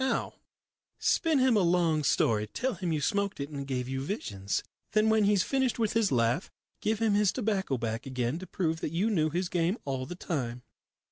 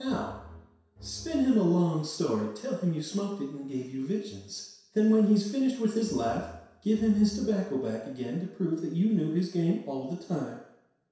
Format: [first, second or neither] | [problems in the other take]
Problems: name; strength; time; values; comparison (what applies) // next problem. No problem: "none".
first | background sound (Bowed string instrument); 19 dB below the speech // room echo; dies away in 0.7 s